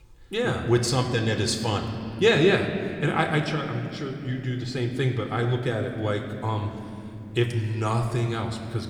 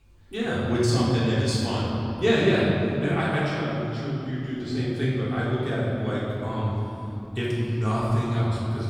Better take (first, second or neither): first